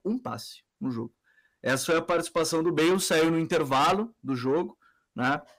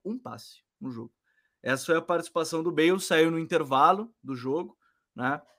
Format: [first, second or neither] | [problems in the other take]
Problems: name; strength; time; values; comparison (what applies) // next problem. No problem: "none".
second | distortion; heavy; 7 dB below the speech